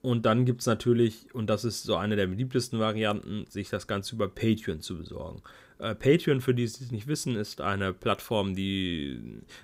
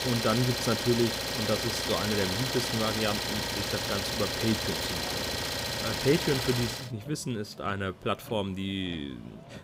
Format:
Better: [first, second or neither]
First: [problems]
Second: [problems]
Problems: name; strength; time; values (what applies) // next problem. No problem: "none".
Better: first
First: none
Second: traffic noise; very loud; throughout; 1 dB above the speech